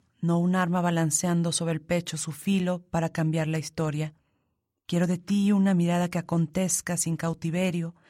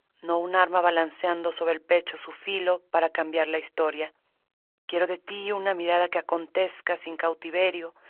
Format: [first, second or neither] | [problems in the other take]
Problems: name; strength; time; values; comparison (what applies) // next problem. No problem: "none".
first | phone-call audio